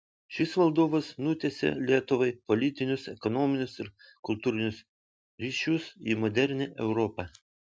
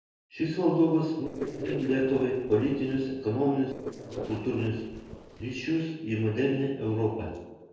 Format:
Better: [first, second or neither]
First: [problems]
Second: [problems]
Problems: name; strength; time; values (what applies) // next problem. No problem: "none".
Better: first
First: none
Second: noise reduction (neural separator model SepFormer DNS4)